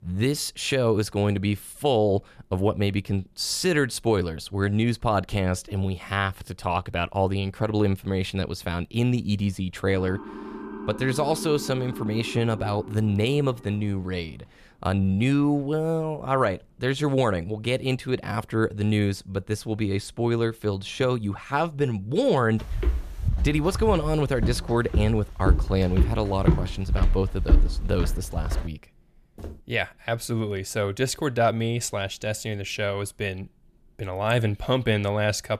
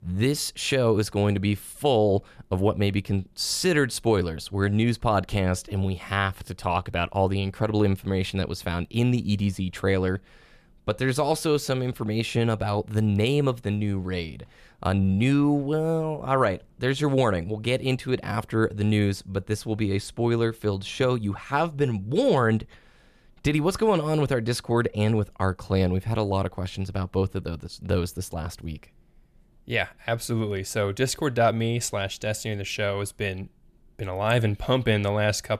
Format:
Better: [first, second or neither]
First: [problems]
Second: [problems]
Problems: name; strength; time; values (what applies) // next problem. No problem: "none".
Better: second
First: siren; noticeable; from 10 to 14 s; peak 10 dB below the speech // footsteps; loud; from 23 to 29 s; peak 3 dB above the speech // footsteps; faint; at 29 s; peak 15 dB below the speech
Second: none